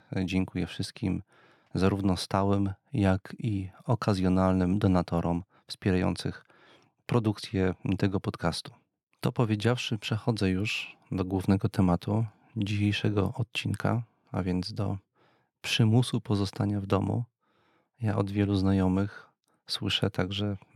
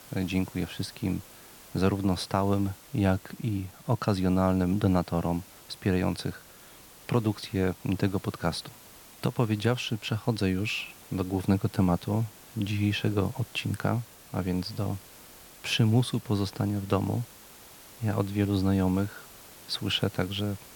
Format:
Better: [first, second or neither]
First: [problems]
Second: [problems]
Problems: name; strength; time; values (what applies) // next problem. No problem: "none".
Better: first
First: none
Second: hiss; noticeable; throughout; 20 dB below the speech